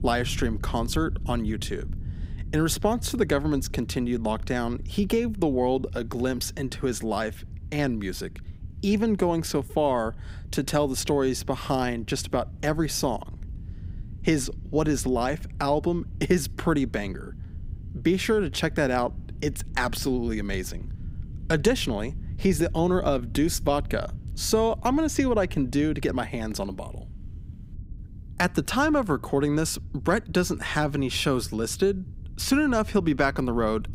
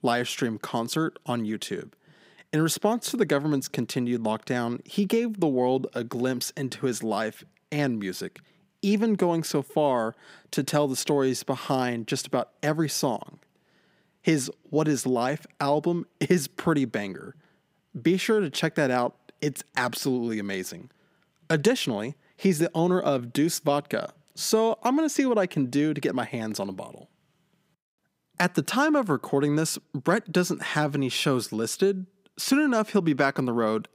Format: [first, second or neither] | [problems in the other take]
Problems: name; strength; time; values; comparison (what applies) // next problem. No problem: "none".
second | low rumble; faint; throughout; 25 dB below the speech